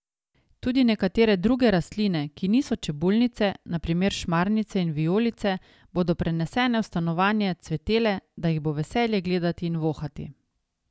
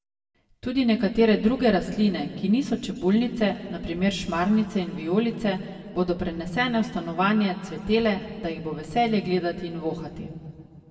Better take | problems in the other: first | room echo; dies away in 2.1 s

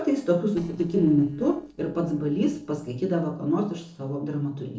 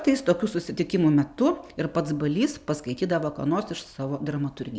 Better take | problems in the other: second | noise reduction (neural separator model SepFormer DNS4)

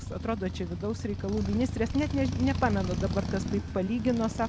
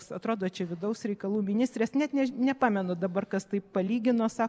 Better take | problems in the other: second | background sound (Motorcycle); 3 dB below the speech

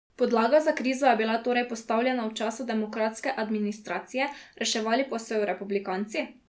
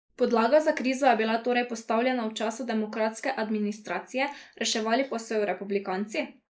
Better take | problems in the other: first | noise reduction (neural mask model Resemble Enhance denoiser)

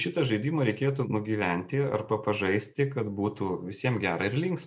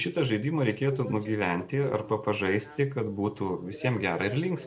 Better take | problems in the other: first | background sound (Subway, metro, underground); 16 dB below the speech

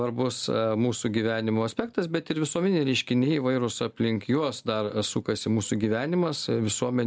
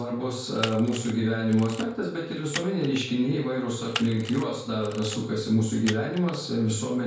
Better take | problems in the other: first | background sound (Camera); 14 dB below the speech // room echo; dies away in 0.5 s

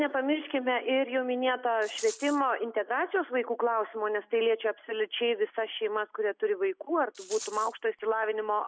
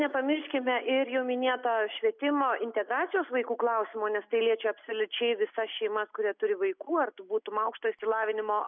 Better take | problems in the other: second | background sound (Rattle); 14 dB below the speech

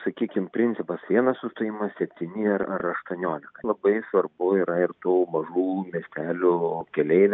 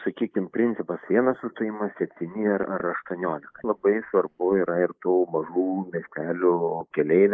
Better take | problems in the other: first | noise reduction (neural mask model Resemble Enhance denoiser)

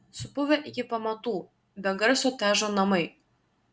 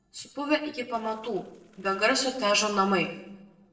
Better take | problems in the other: first | noise reduction (neural separator model SepFormer DNS4)

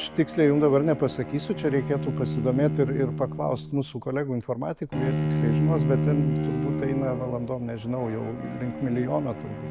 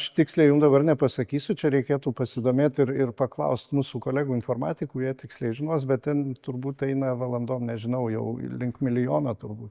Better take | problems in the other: second | background sound (Bowed string instrument); 3 dB below the speech

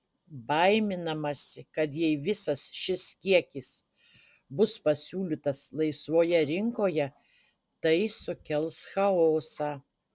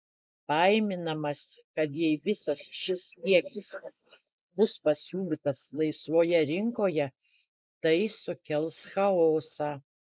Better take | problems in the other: first | noise reduction (neural mask model Resemble Enhance denoiser)

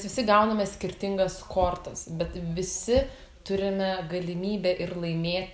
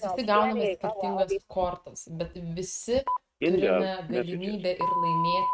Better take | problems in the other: first | noise reduction (neural mask model RNNoise)

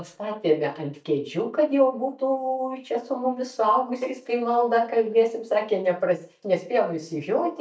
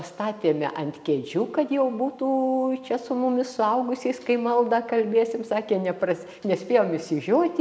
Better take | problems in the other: second | noise reduction (neural mask model DeepFilterNet 3)

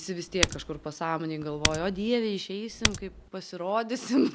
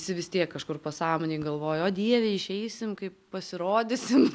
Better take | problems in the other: second | background sound (Typing); 1 dB below the speech

